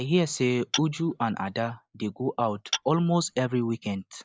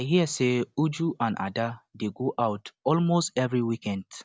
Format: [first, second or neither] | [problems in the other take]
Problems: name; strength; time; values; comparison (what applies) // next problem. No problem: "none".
second | noise reduction (neural mask model Resemble Enhance denoiser)